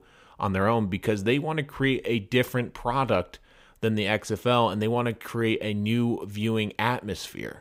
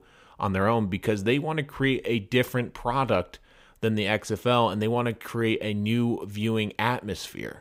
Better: neither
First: none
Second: none

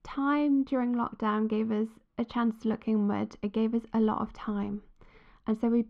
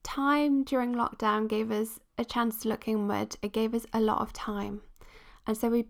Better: second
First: muffled; slightly; fading above 3 kHz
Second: none

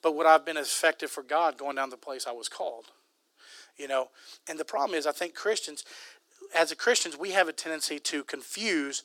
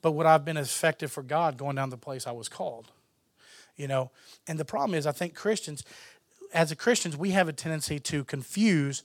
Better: second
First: thin; somewhat; fading below 300 Hz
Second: none

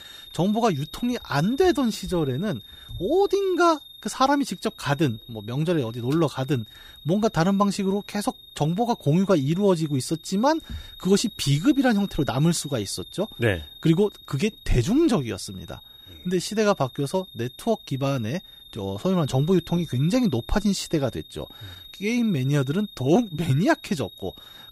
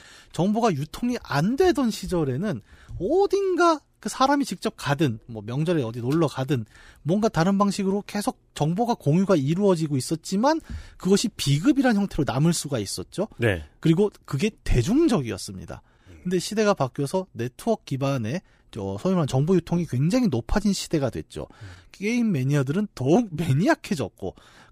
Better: second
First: high-pitched whine; noticeable; throughout; 3.5 kHz, 20 dB below the speech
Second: none

